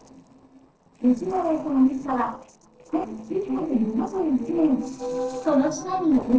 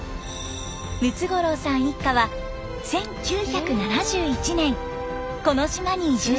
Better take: second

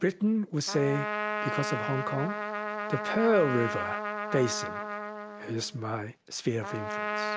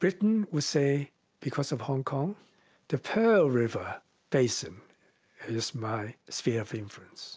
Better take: second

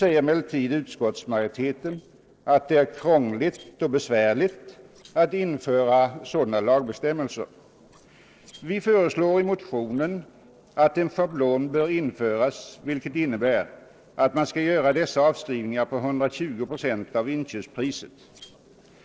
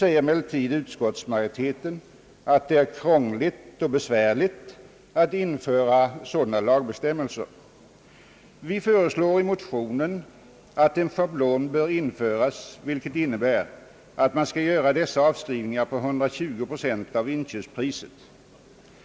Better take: second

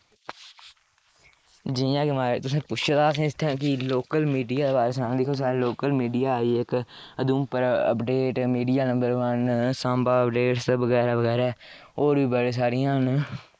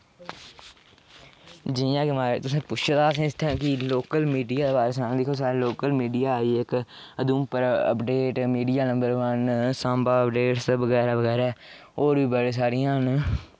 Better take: second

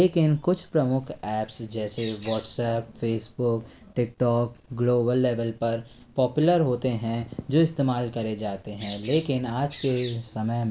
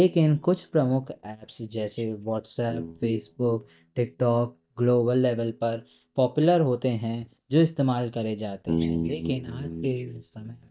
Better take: first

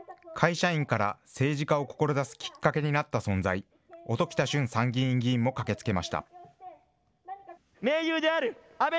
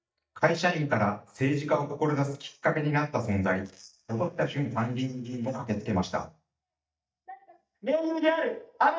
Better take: first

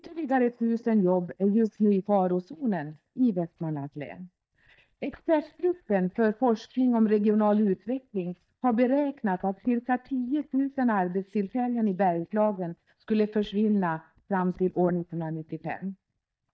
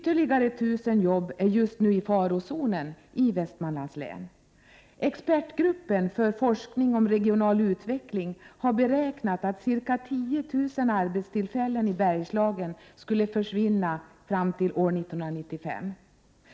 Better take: second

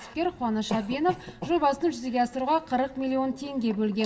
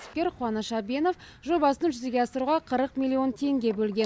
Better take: second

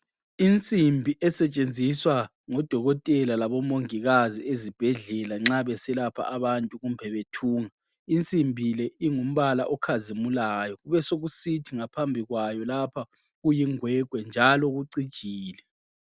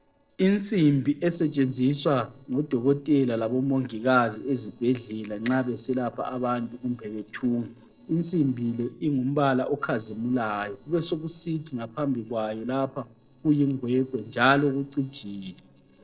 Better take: first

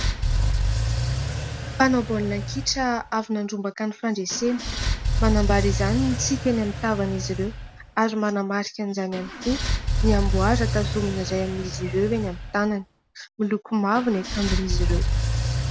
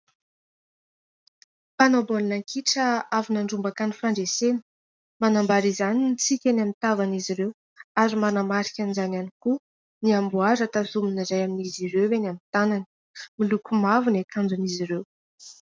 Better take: second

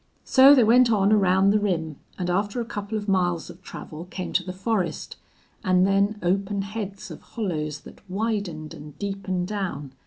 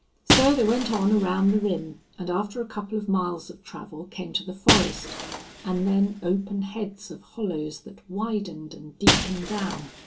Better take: first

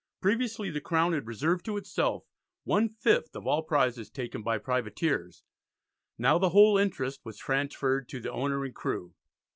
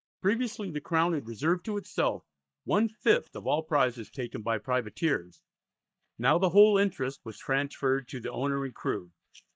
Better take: first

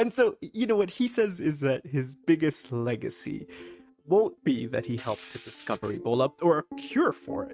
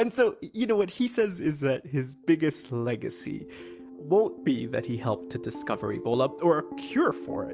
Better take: second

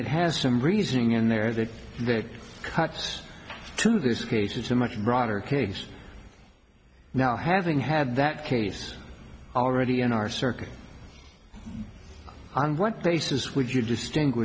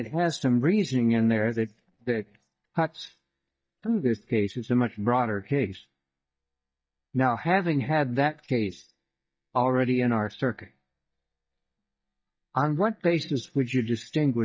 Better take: first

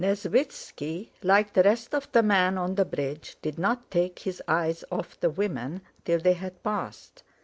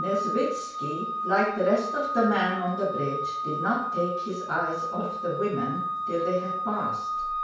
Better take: first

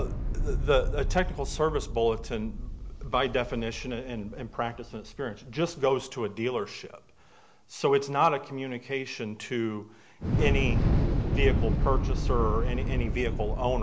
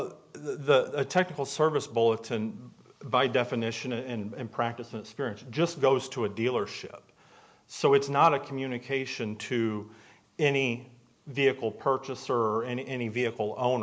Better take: second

